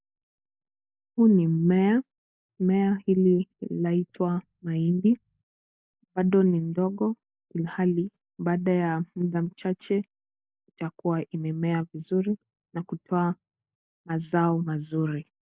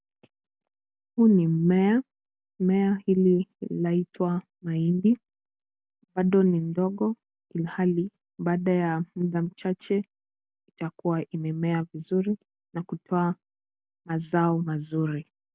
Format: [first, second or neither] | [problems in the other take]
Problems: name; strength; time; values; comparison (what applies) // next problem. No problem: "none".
second | noise reduction (neural mask model Resemble Enhance denoiser)